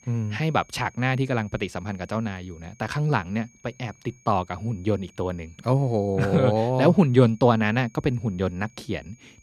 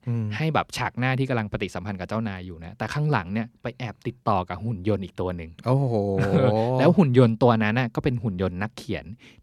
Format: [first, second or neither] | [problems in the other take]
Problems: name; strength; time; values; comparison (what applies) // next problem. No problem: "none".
second | high-pitched whine; faint; throughout; 6.5 kHz, 30 dB below the speech